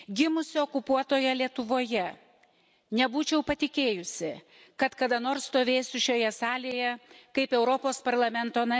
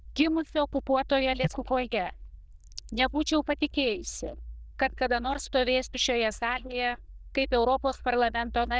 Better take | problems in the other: first | noise reduction (neural diffusion model UNIVERSE++)

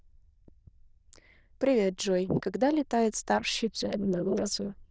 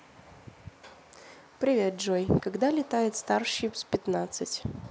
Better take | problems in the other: second | noise reduction (neural diffusion model UNIVERSE++)

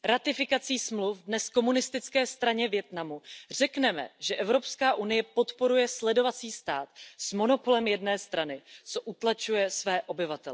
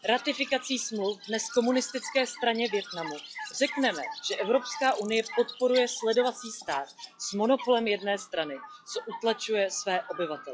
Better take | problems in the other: first | noise reduction (classical method log-MMSE)

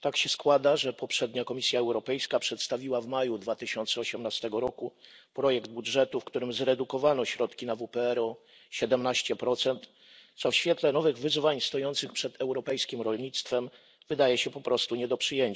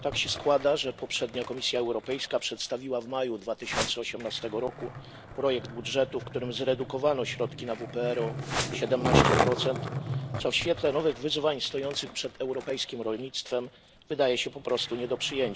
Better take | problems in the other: first | background sound (Skateboard + Whoosh, swoosh, swish); 5 dB below the speech

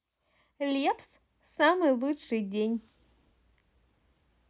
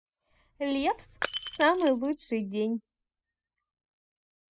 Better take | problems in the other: first | noise reduction (classical method spectral subtraction)

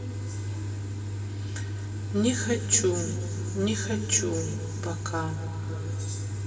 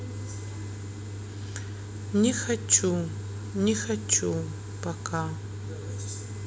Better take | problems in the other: second | room echo; dies away in 3 s

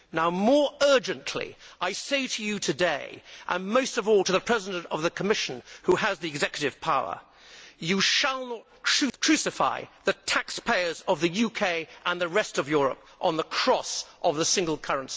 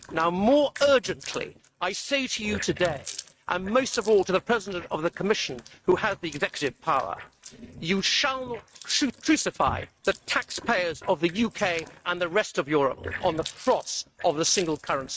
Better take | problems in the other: first | noise reduction (neural mask model RNNoise)

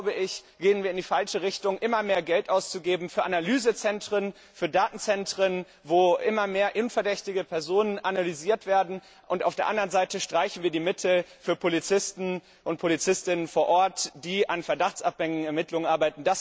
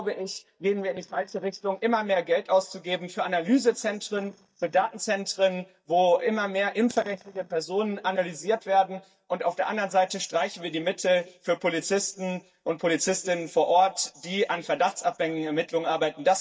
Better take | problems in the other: first | noise reduction (neural mask model DeepFilterNet 3)

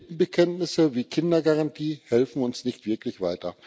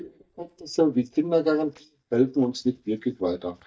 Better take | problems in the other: first | noise reduction (neural mask model DeepFilterNet 3)

